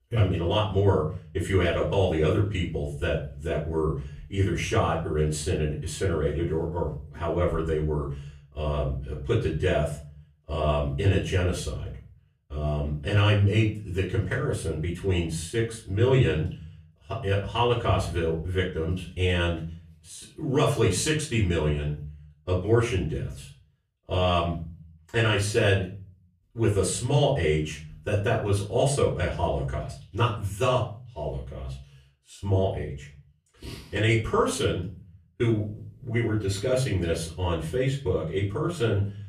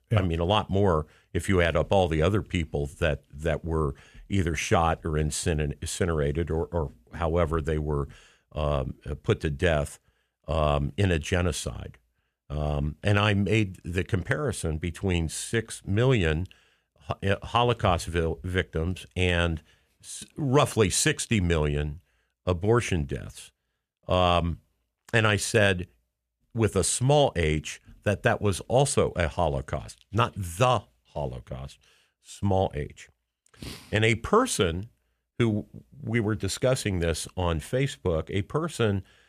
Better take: second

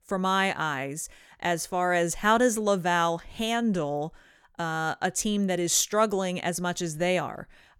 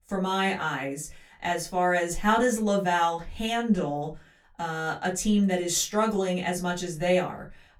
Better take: first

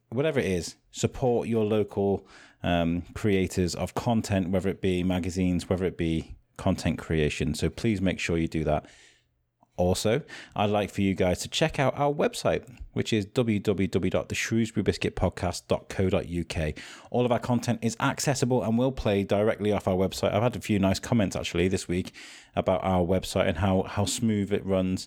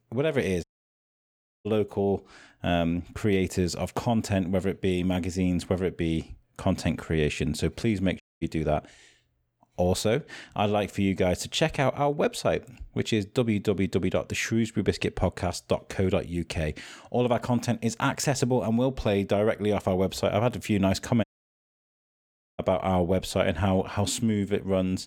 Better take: first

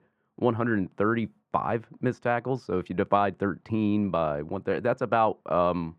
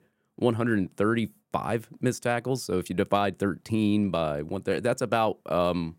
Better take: second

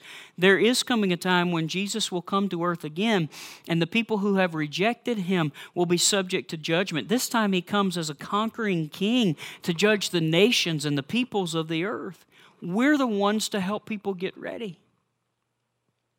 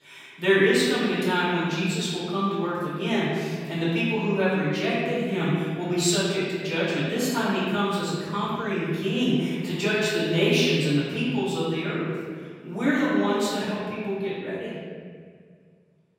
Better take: first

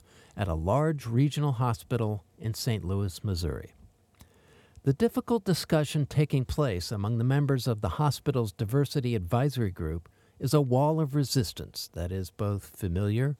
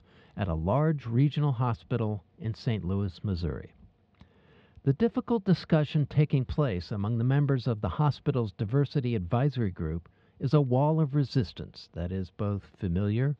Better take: first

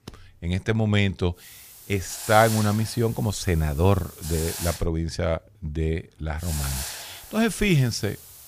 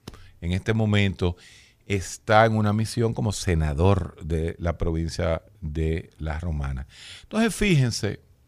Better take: second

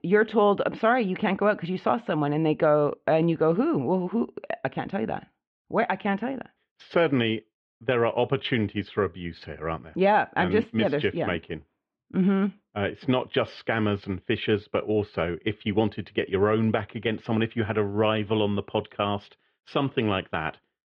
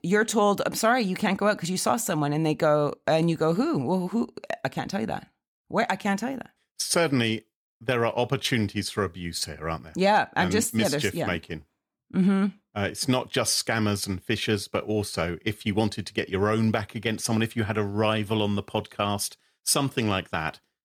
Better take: second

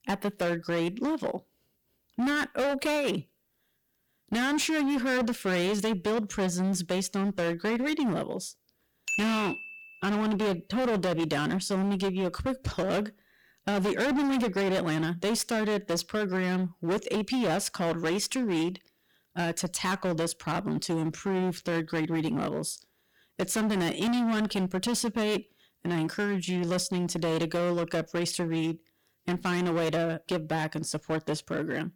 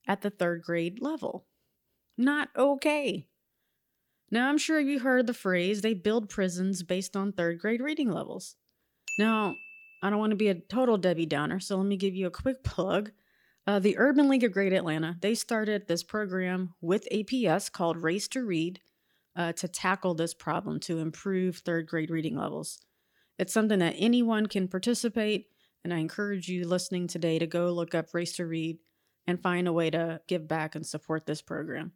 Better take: second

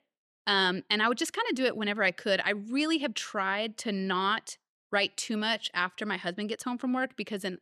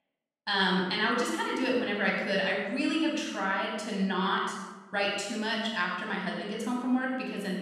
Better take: first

